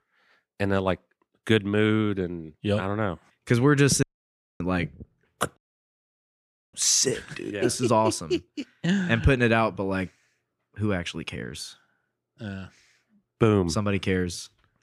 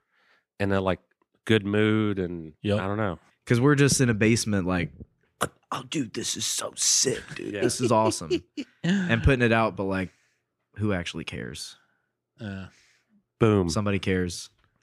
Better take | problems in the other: second | audio cutting out; at 4 s for 0.5 s and at 5.5 s for 1 s

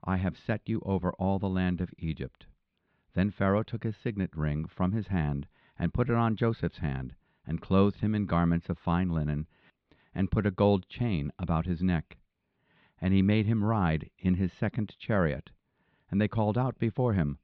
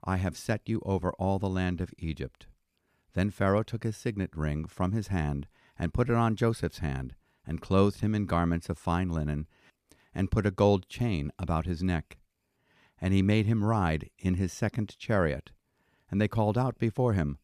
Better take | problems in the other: second | muffled; slightly; fading above 4 kHz

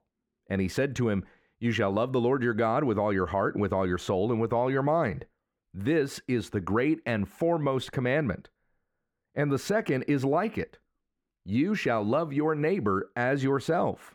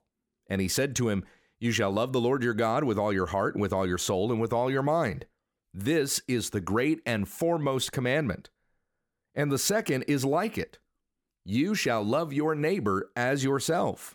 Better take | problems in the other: second | muffled; slightly; fading above 4 kHz

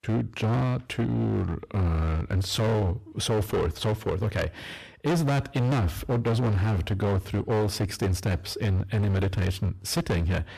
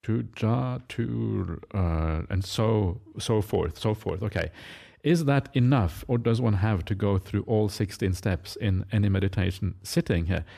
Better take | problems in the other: second | distortion; heavy; 21% of the sound clipped

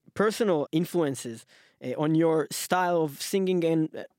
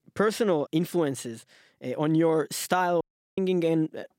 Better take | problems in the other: first | audio cutting out; at 3 s

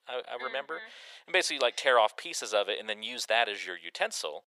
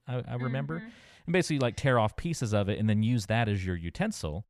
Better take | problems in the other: second | thin; very; fading below 500 Hz

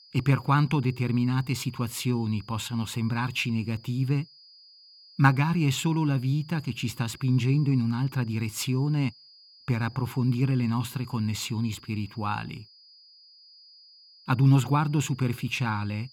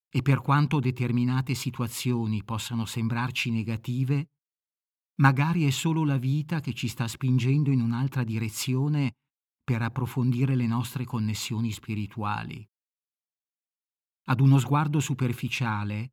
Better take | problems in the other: second | high-pitched whine; faint; throughout; 5 kHz, 25 dB below the speech

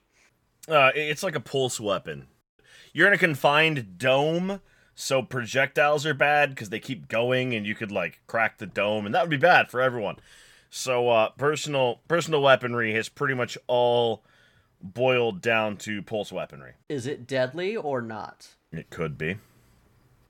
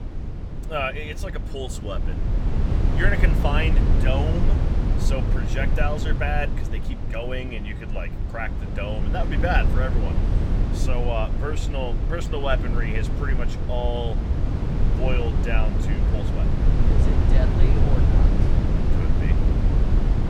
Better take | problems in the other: first | low rumble; loud; throughout; 5 dB below the speech

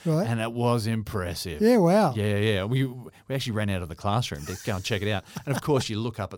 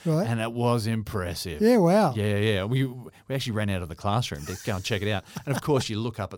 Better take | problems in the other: neither | none

